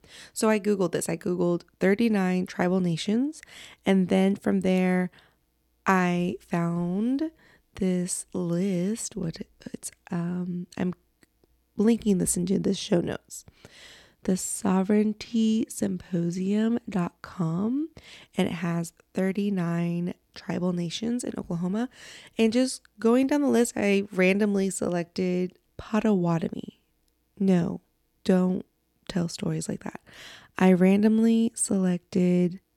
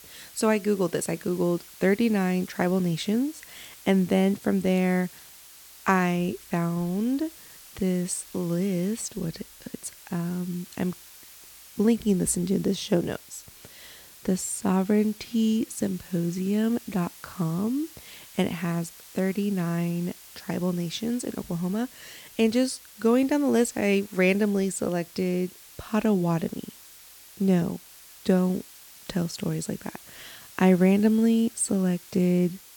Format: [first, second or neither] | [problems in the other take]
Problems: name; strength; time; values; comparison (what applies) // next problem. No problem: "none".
first | hiss; noticeable; throughout; 20 dB below the speech